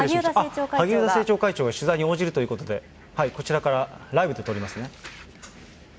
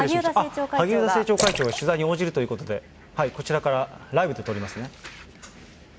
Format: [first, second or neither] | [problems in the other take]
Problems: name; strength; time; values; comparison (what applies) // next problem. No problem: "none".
first | background sound (Splash, splatter); 7 dB below the speech